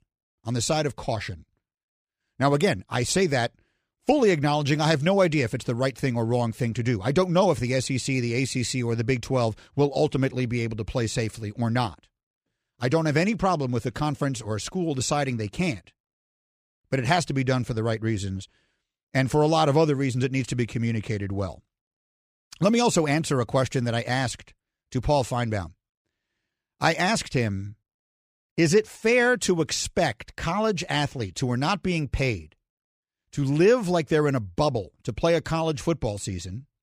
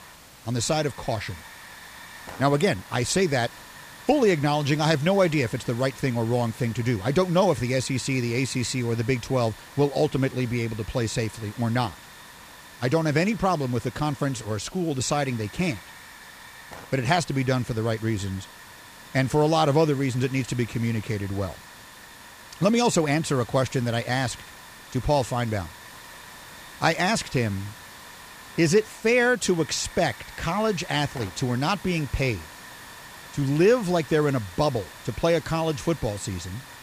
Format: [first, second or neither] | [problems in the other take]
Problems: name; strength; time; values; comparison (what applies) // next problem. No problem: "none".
first | hiss; noticeable; throughout; 20 dB below the speech